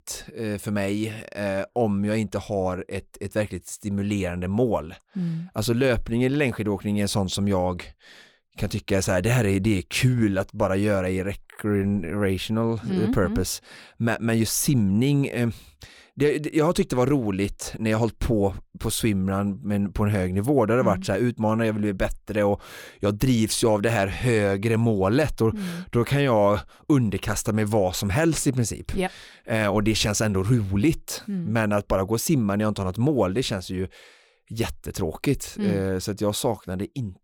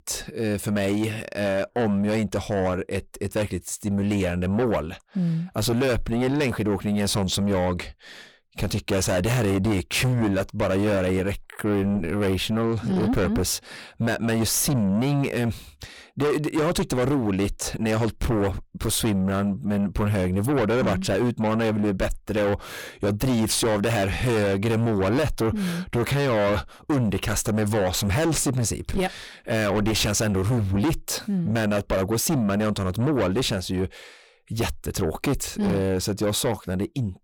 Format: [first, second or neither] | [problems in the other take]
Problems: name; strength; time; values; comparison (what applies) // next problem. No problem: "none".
first | distortion; heavy; 7 dB below the speech